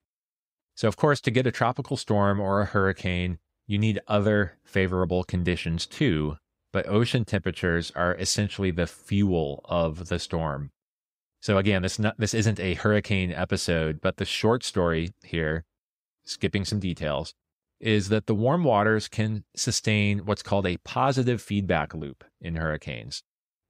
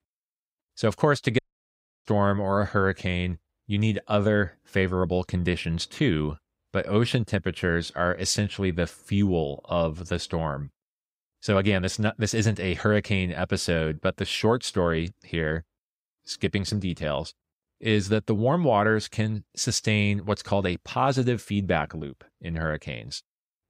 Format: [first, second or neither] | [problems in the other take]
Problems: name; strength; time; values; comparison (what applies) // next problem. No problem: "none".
first | audio cutting out; at 1.5 s for 0.5 s